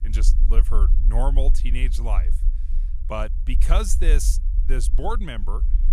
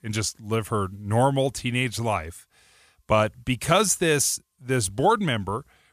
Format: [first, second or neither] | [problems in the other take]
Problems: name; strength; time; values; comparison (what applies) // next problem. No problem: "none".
second | low rumble; noticeable; throughout; 15 dB below the speech